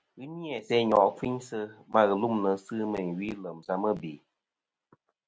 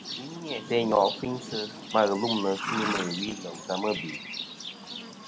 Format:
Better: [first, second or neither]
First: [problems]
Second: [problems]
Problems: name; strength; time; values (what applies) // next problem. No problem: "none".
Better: first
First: none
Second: background sound (Livestock, farm animals, working animals); 7 dB below the speech